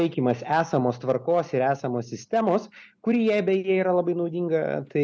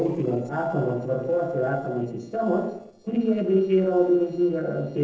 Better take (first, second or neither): first